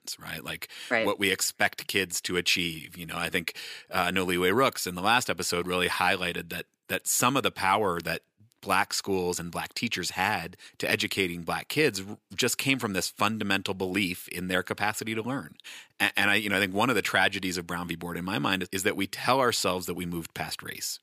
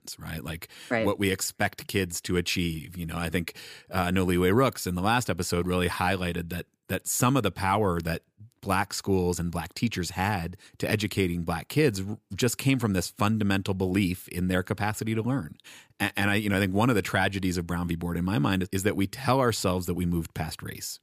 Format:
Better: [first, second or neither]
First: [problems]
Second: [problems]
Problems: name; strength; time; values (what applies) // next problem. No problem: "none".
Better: second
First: thin; somewhat; fading below 800 Hz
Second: none